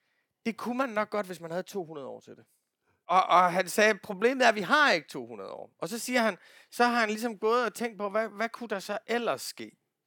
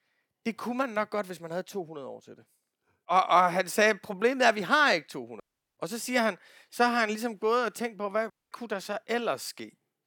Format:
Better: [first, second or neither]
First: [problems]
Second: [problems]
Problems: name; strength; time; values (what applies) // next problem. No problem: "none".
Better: first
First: none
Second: audio cutting out; at 5.5 s and at 8.5 s